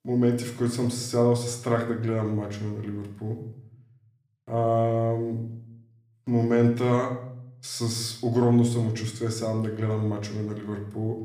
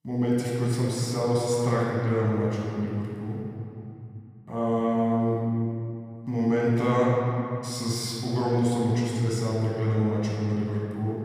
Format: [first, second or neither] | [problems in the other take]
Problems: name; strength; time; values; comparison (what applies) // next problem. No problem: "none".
first | room echo; strong; dies away in 2.7 s; slight in the first // off-mic speech; far; somewhat distant in the first